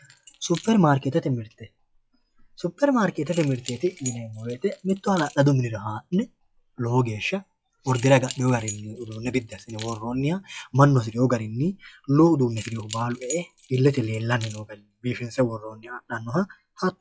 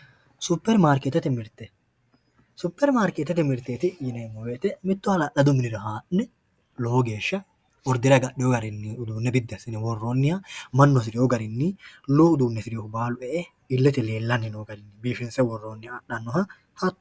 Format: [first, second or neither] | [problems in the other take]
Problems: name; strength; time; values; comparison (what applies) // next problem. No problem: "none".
second | noise reduction (classical method log-MMSE)